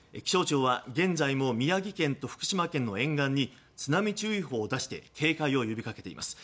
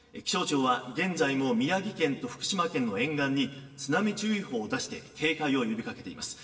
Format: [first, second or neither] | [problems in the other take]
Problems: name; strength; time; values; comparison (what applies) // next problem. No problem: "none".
first | room echo; dies away in 1.5 s